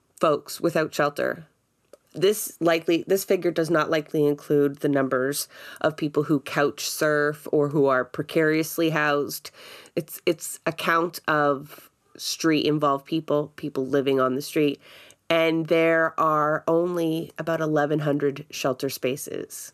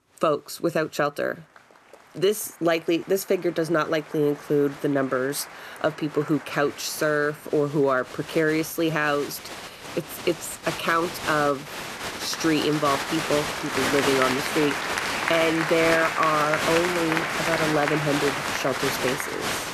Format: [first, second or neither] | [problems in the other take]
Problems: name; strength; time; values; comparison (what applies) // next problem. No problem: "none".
first | crowd noise; loud; throughout; 2 dB below the speech